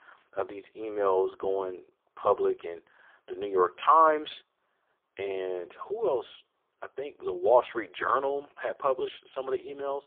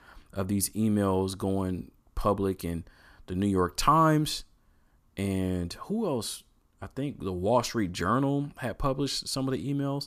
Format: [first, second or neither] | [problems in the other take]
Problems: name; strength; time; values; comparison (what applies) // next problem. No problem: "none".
second | phone-call audio; poor line; nothing above 3.5 kHz